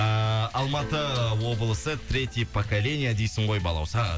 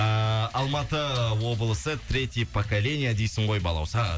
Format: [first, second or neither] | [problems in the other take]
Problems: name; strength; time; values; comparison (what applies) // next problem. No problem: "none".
second | background sound (Keyboard (musical)); 18 dB below the speech